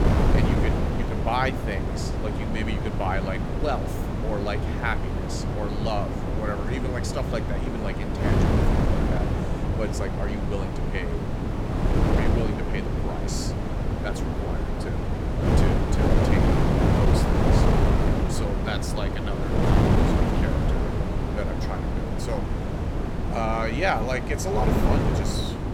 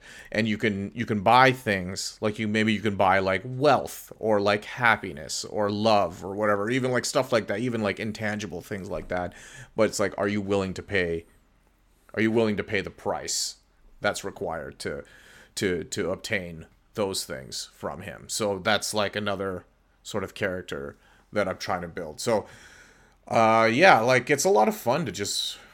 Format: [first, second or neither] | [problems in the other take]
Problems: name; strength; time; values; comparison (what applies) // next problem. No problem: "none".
second | wind noise on the microphone; heavy; 1 dB above the speech